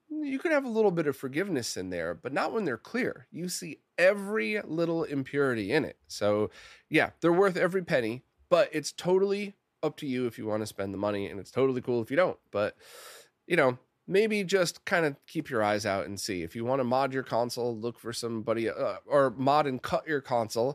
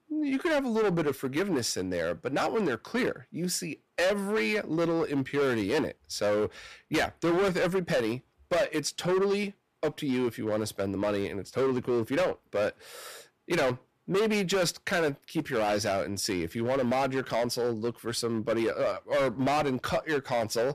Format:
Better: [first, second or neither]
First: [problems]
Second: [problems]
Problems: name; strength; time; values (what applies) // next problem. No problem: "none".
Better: first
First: none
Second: distortion; heavy; 13% of the sound clipped